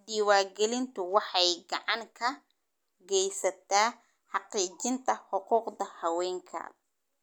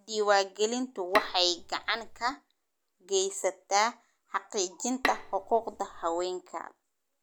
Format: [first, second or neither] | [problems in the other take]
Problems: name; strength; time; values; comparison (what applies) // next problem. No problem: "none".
first | background sound (Bowed string instrument); 7 dB below the speech